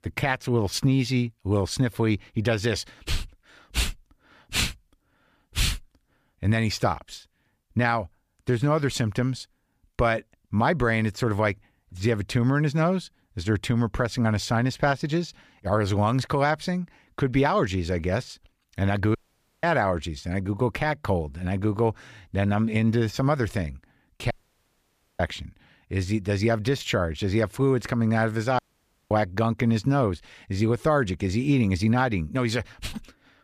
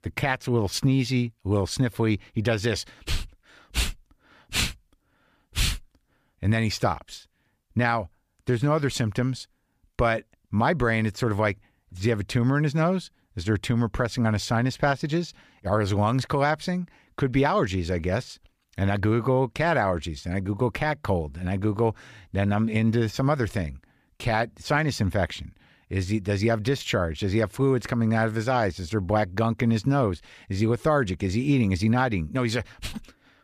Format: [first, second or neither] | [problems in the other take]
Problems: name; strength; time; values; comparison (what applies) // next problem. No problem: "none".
second | audio cutting out; at 19 s, at 24 s for 1 s and at 29 s for 0.5 s